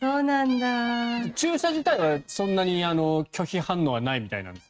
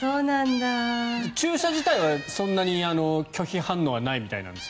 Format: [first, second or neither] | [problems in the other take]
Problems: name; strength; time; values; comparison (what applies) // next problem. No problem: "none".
second | noise reduction (neural mask model RNNoise)